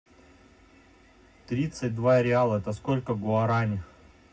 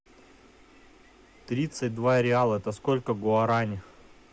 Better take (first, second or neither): second